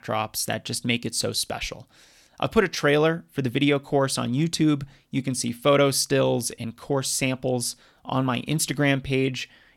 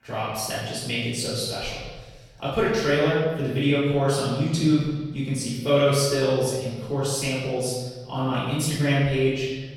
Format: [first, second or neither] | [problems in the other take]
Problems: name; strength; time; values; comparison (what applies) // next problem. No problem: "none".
first | room echo; strong; dies away in 1.2 s // off-mic speech; far